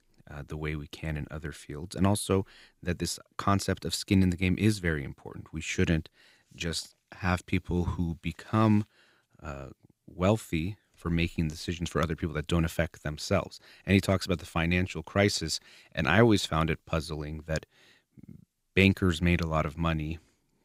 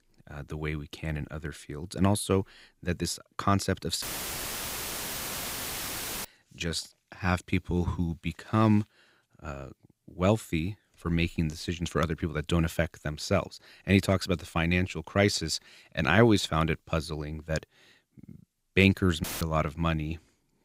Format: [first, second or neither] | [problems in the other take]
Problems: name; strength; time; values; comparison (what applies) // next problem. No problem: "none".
first | audio cutting out; filled with static; at 4 s for 2 s and at 19 s